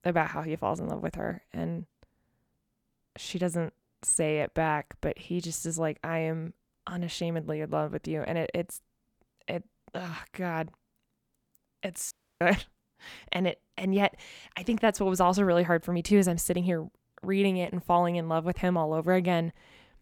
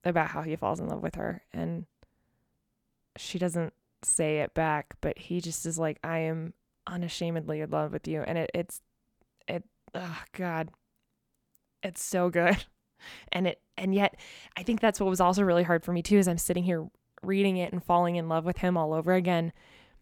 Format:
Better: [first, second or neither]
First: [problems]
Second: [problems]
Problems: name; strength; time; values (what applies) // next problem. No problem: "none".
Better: second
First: audio cutting out; at 12 s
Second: none